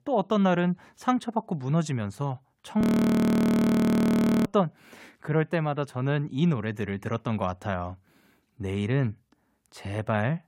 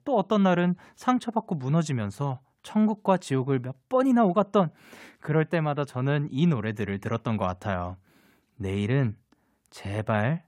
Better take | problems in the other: second | audio freezing; at 3 s for 1.5 s

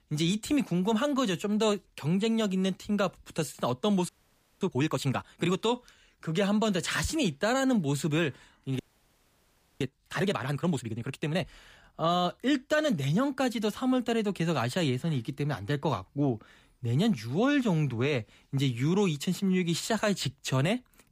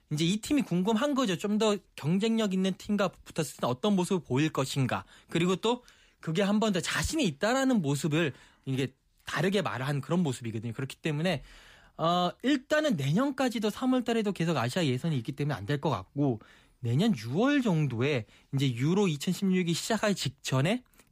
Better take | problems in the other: second | audio freezing; at 4 s for 0.5 s and at 9 s for 1 s

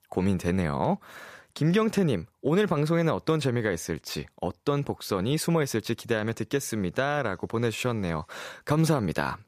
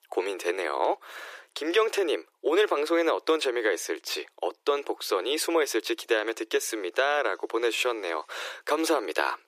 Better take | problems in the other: first | thin; very; fading below 350 Hz

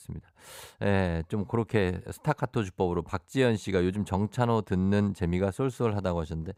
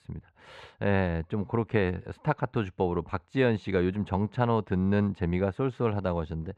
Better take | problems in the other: first | muffled; slightly; fading above 2.5 kHz

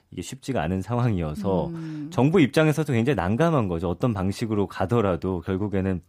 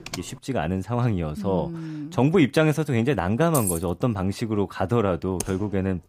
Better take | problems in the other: first | keyboard typing; faint; at the start and at 5.5 s; peak 10 dB below the speech // jangling keys; noticeable; at 3.5 s; peak 3 dB below the speech

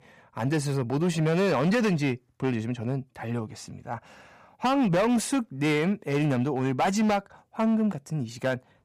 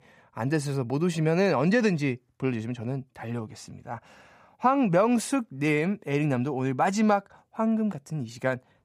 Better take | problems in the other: second | distortion; slight; 10% of the sound clipped

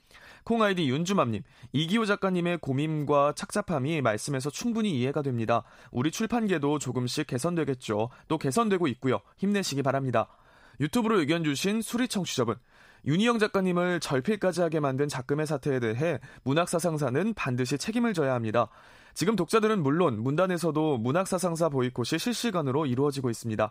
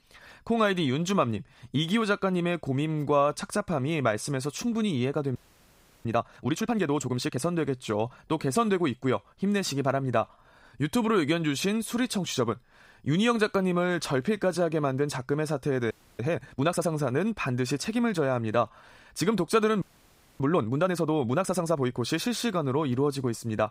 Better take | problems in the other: first | audio freezing; at 5.5 s for 0.5 s, at 16 s and at 20 s for 0.5 s

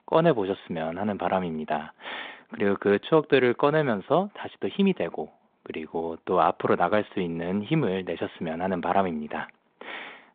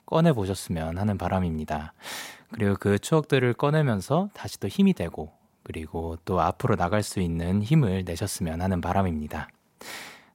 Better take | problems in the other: second | phone-call audio; nothing above 3.5 kHz

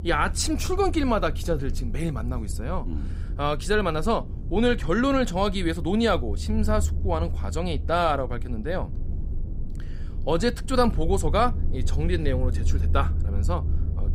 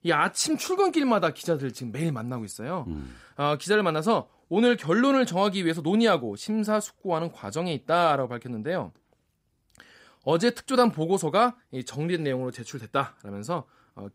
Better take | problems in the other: second | low rumble; noticeable; throughout; 20 dB below the speech

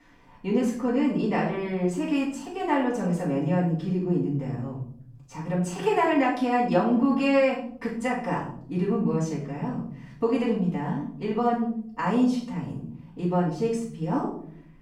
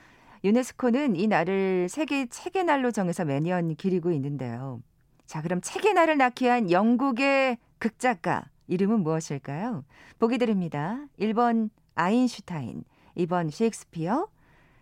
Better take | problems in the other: second | off-mic speech; far // room echo; noticeable; dies away in 0.8 s

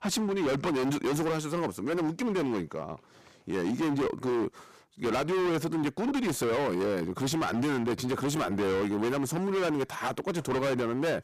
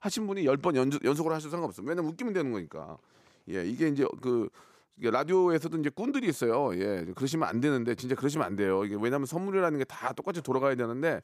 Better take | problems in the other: second | distortion; heavy; 29% of the sound clipped

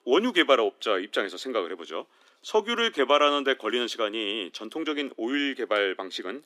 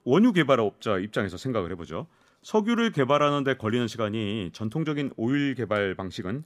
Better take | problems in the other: second | thin; somewhat; fading below 300 Hz

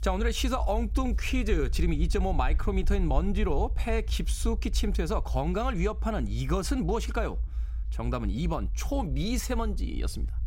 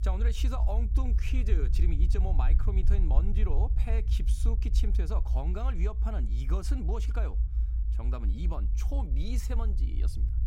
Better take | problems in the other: first | low rumble; loud; throughout; 7 dB below the speech; faint in the first

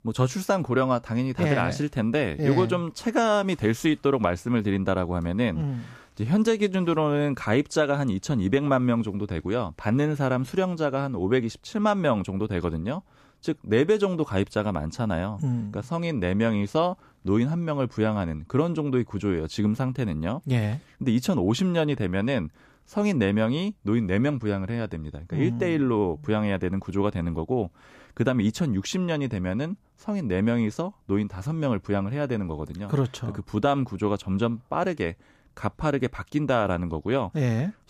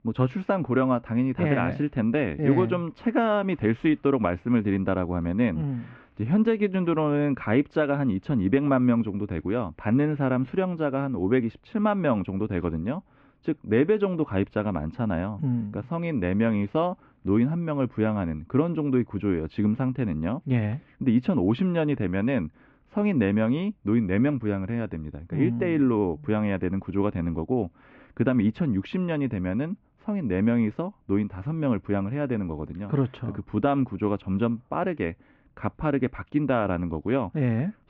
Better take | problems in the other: first | muffled; very; fading above 2.5 kHz

